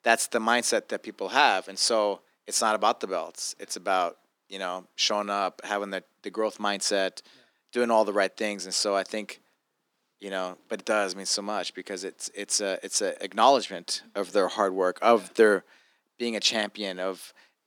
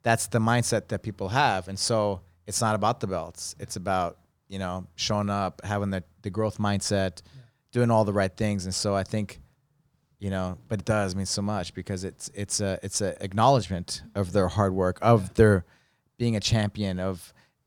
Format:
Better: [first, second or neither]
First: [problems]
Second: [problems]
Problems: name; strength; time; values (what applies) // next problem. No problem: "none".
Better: second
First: thin; somewhat; fading below 250 Hz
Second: none